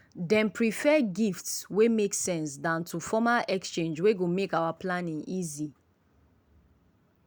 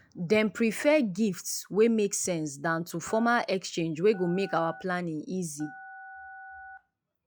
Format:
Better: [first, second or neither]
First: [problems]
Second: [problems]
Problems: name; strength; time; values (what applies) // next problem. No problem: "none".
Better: first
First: none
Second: noise reduction (classical method log-MMSE)